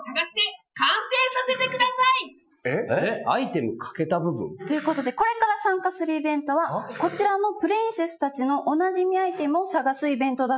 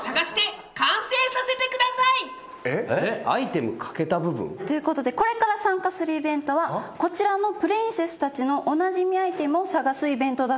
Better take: second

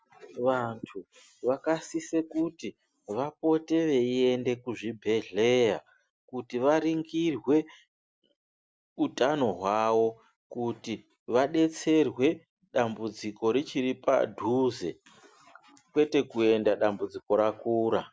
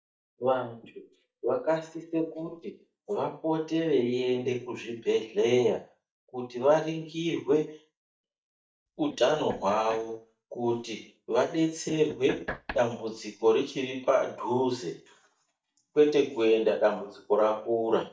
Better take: first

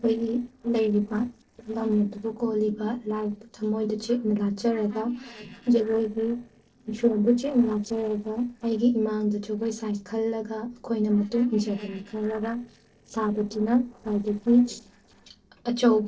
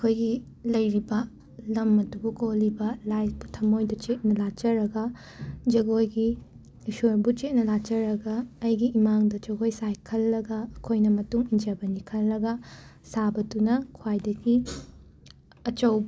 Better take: second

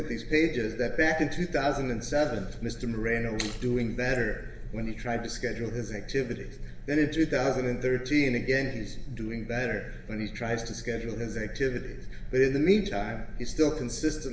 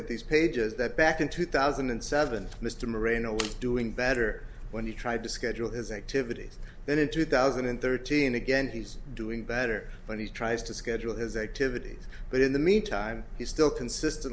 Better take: second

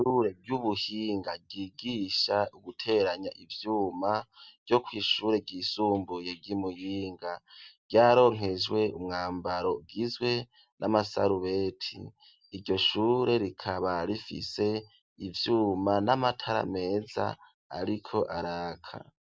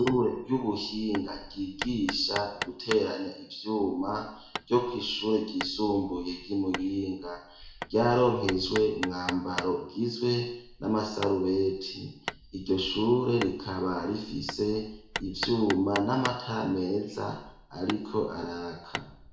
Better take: first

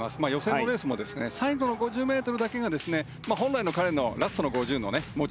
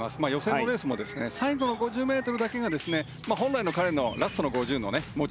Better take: first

